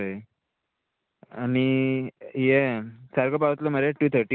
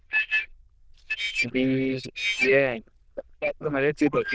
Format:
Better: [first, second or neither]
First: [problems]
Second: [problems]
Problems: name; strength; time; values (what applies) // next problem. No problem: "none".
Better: first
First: none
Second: noise reduction (neural diffusion model UNIVERSE++)